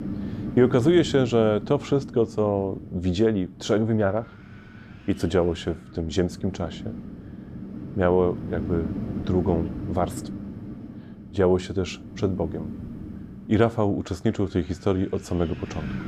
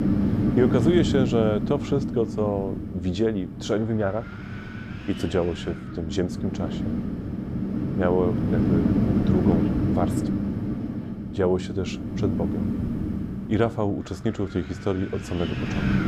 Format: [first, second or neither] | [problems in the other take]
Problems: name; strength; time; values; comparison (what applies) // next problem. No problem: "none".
first | wind noise on the microphone; heavy; 4 dB below the speech; occasional gusts in the first